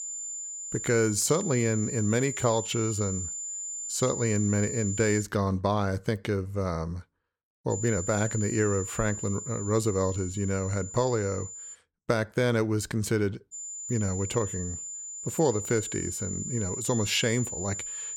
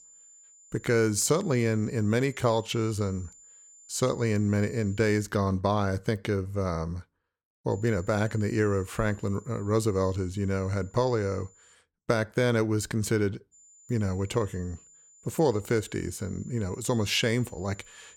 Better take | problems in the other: second | high-pitched whine; loud; until 5 s, from 7.5 to 12 s and from 14 s on; 7 kHz, 6 dB below the speech; faint in the second

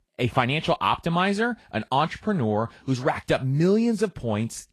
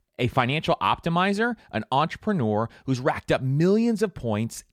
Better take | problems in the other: second | garbled, watery; slightly; nothing above 12.5 kHz

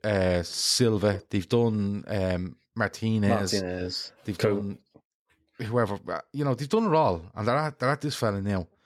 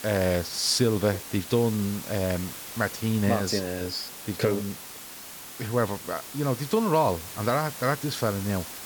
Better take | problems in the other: first | hiss; noticeable; throughout; 10 dB below the speech

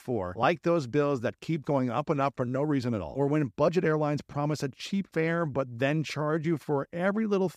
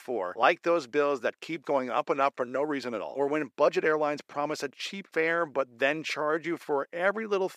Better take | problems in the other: first | thin; somewhat; fading below 450 Hz

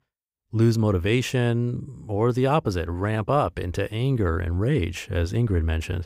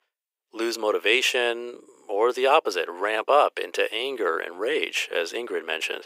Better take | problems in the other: first | thin; very; fading below 400 Hz

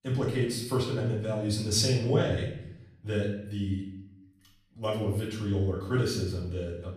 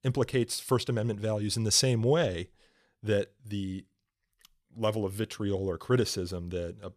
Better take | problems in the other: second | off-mic speech; far // room echo; noticeable; dies away in 0.8 s

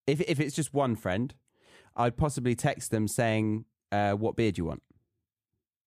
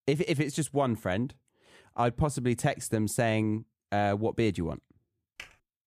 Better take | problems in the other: first | keyboard typing; faint; at 5.5 s; peak 20 dB below the speech

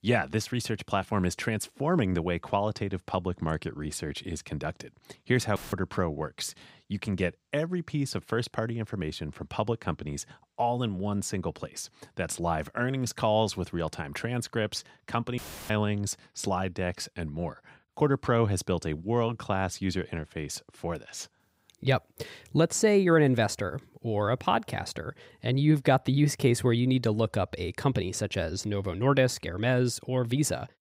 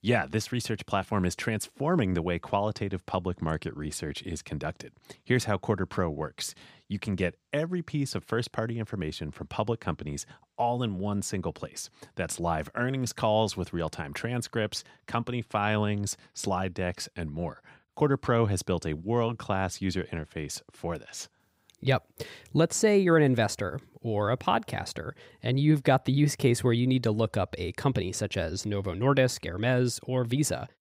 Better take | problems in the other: second | audio cutting out; filled with static; at 5.5 s and at 15 s

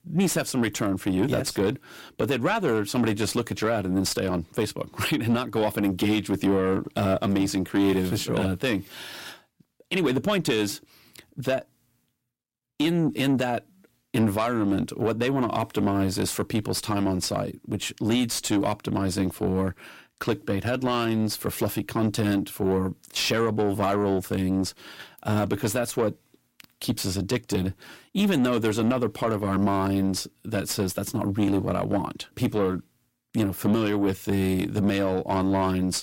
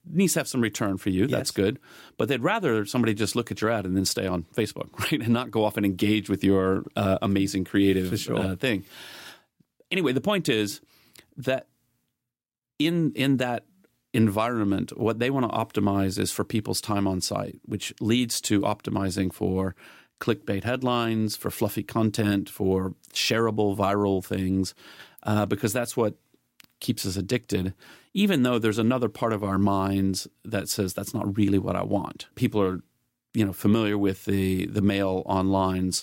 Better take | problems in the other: second | distortion; slight; 10 dB below the speech

